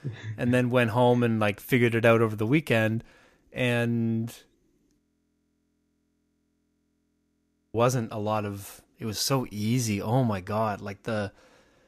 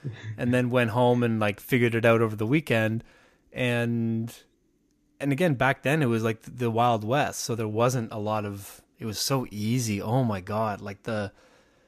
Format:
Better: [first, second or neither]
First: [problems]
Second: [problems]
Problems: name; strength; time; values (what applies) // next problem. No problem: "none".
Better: second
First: audio freezing; at 5 s for 3 s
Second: none